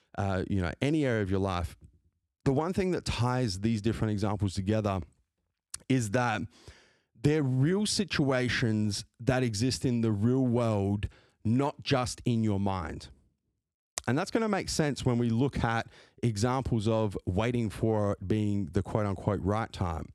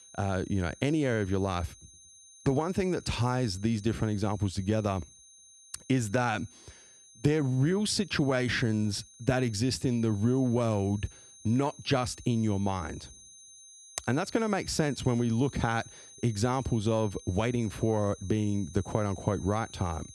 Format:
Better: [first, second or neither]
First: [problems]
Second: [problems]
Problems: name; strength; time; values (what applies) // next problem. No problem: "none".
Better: first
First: none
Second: high-pitched whine; faint; throughout; 6.5 kHz, 20 dB below the speech